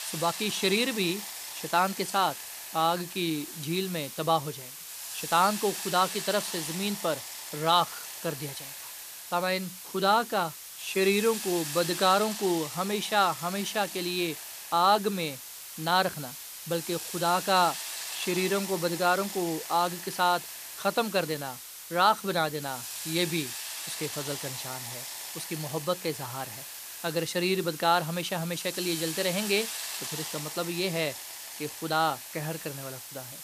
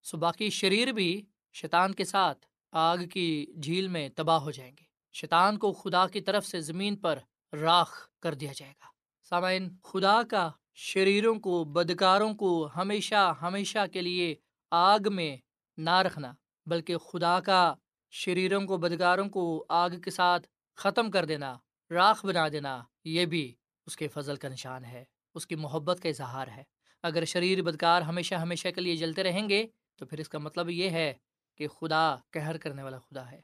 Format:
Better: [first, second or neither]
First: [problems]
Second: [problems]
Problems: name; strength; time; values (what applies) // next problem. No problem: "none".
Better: second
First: hiss; loud; throughout; 8 dB below the speech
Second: none